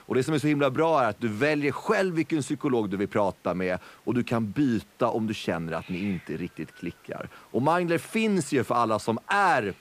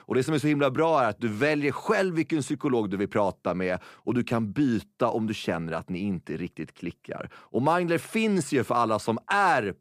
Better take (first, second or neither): second